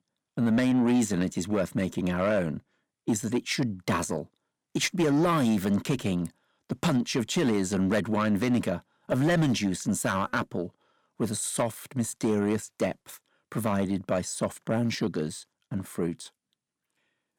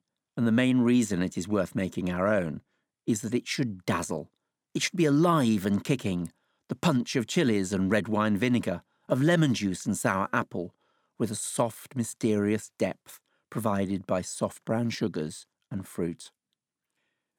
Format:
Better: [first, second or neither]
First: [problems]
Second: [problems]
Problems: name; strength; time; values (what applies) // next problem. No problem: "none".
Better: second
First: distortion; slight; 10 dB below the speech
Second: none